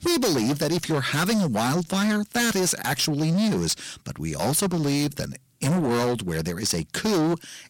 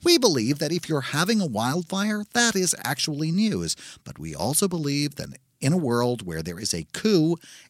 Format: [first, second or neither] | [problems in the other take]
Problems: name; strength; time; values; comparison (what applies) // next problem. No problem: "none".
second | distortion; heavy; 23% of the sound clipped